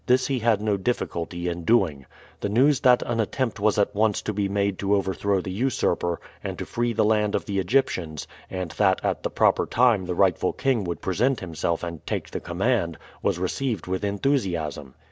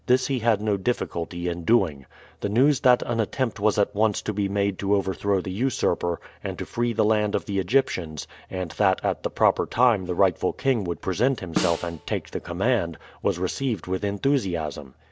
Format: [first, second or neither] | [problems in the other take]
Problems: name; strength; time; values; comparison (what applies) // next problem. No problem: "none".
first | background sound (Snare drum); 10 dB below the speech